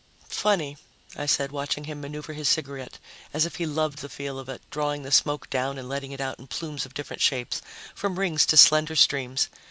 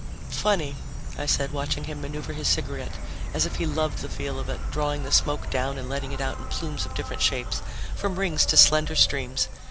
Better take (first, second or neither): first